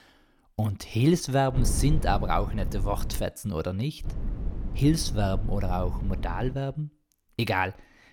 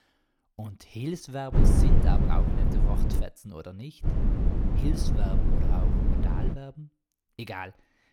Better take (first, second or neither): first